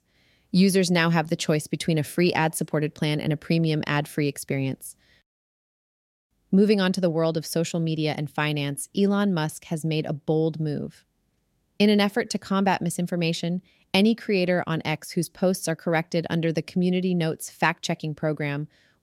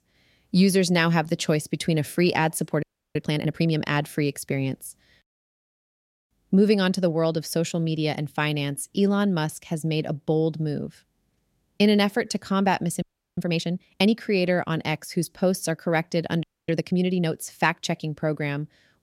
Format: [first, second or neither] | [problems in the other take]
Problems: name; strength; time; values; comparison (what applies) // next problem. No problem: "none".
first | audio freezing; at 3 s, at 13 s and at 16 s